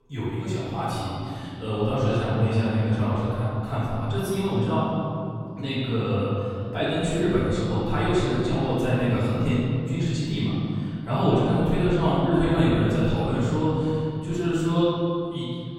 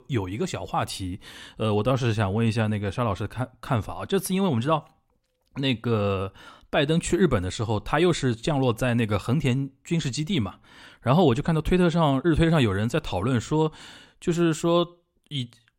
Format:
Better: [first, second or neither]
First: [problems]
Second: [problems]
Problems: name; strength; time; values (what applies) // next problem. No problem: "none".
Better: second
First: off-mic speech; far // room echo; strong; dies away in 2.8 s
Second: none